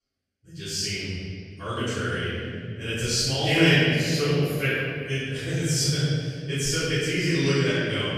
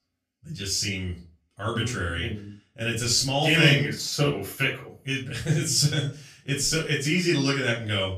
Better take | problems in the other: second | room echo; strong; dies away in 2.5 s; slight in the second // off-mic speech; far; far in the second

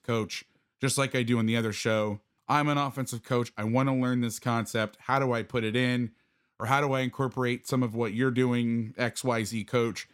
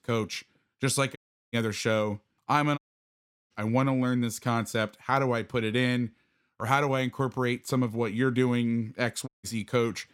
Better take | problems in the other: first | audio cutting out; at 1 s, at 3 s for 0.5 s and at 9.5 s

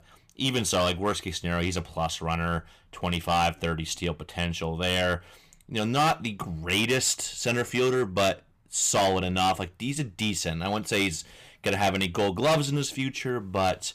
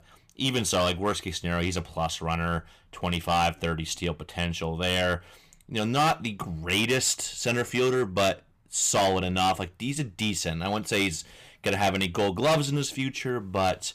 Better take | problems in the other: neither | distortion; heavy; 6% of the sound clipped; the same in both

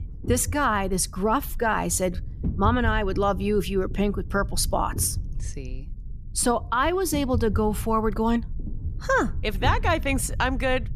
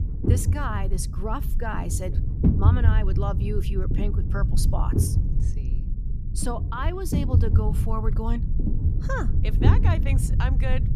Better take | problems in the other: first | low rumble; loud; throughout; 4 dB below the speech; faint in the first

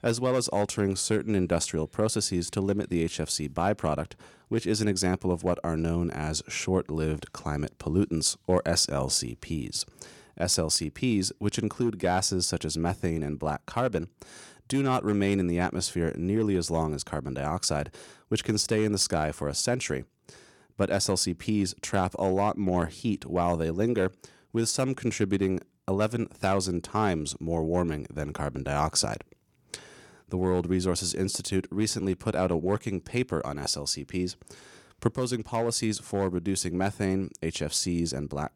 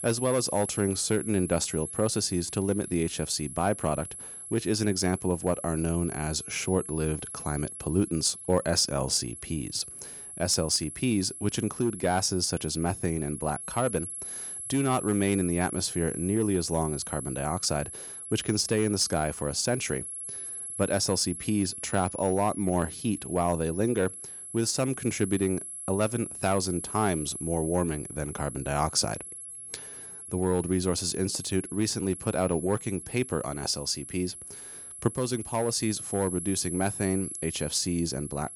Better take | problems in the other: first | high-pitched whine; loud; throughout; 11 kHz, 9 dB below the speech

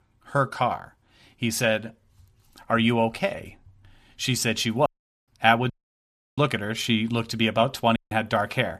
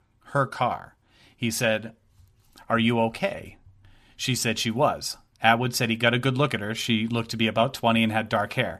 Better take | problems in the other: second | audio cutting out; at 5 s, at 5.5 s for 0.5 s and at 8 s

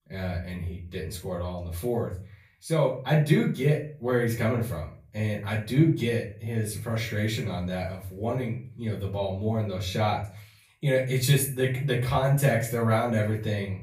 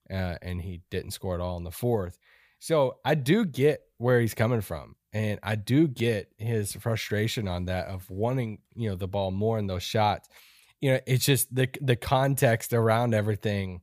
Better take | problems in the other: second | off-mic speech; far // room echo; slight; dies away in 0.4 s

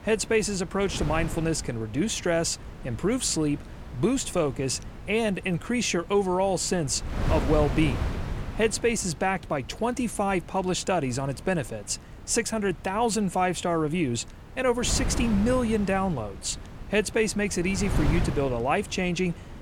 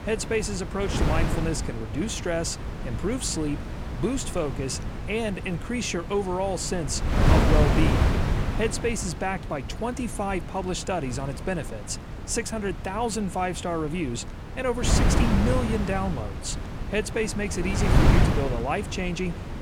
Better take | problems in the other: first | wind noise on the microphone; heavy; 4 dB below the speech; occasional gusts in the first

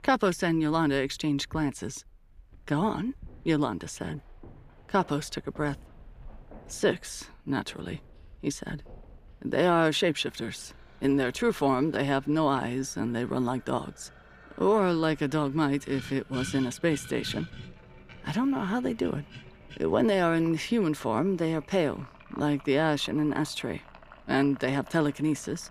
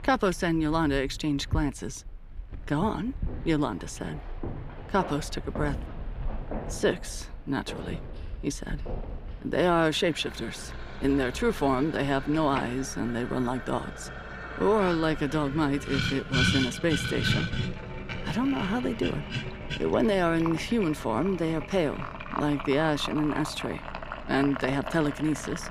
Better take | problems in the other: first | household noises; loud; throughout; 8 dB below the speech; faint in the first

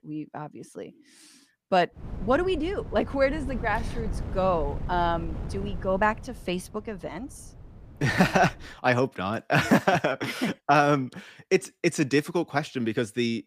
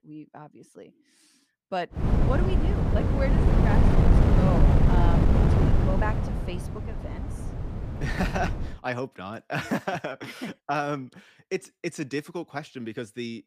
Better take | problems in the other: first | wind noise on the microphone; heavy; from 2 to 8.5 s; 1 dB above the speech; occasional gusts in the first

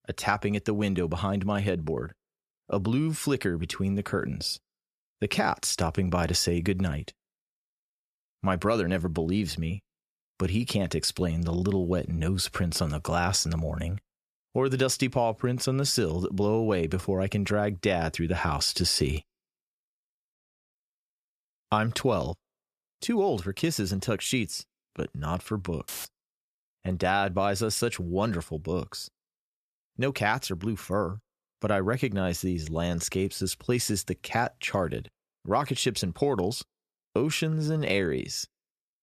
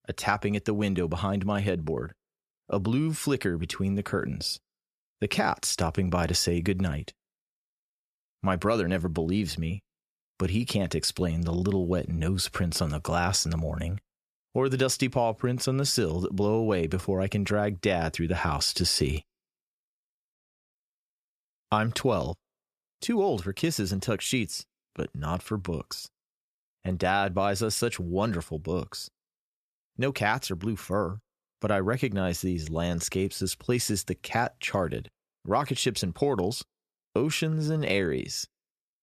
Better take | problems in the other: second | audio cutting out; filled with static; at 26 s

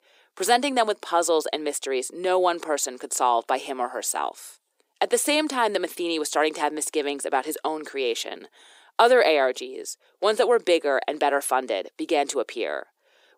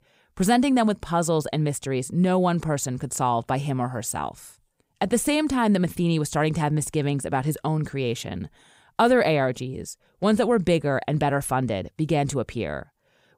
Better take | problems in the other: second | thin; very; fading below 350 Hz

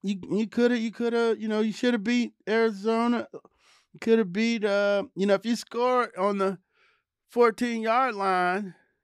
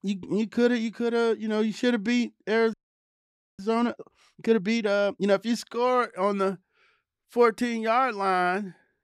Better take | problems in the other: first | audio freezing; at 2.5 s for 1 s

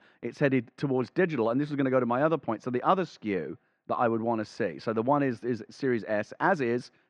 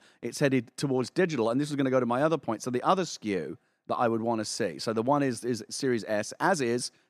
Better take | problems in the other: second | muffled; slightly; fading above 2.5 kHz

